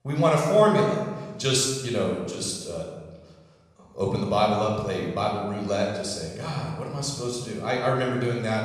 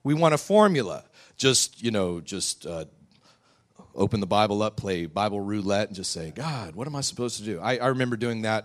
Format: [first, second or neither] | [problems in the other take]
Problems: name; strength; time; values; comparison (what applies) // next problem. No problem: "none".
second | off-mic speech; somewhat distant // room echo; noticeable; dies away in 1.2 s